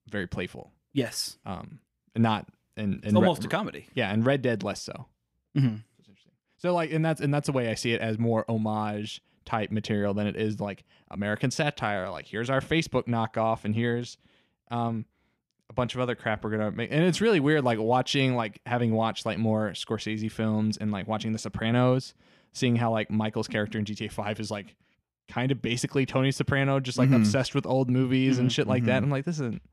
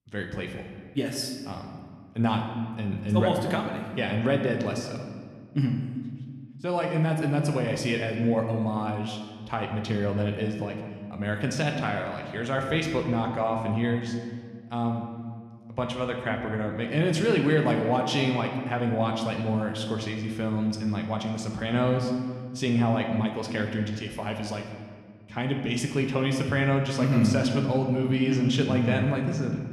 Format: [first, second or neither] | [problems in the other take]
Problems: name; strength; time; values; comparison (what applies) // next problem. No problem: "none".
first | room echo; slight; dies away in 1.4 s